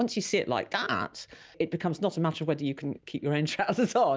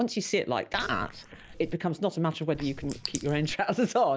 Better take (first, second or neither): first